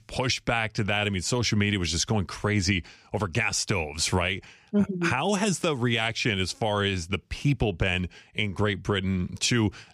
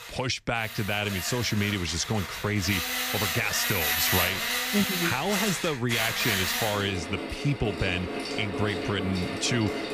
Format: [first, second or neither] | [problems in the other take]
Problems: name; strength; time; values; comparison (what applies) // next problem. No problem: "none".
first | machinery noise; loud; throughout; 1 dB below the speech